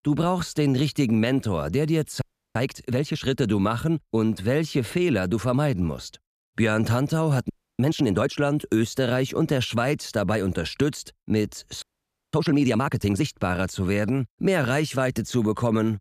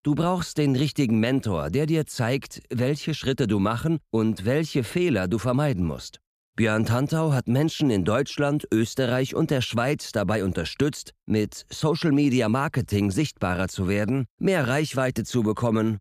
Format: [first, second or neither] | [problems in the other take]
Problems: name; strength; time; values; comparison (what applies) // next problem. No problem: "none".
second | audio freezing; at 2 s, at 7.5 s and at 12 s for 0.5 s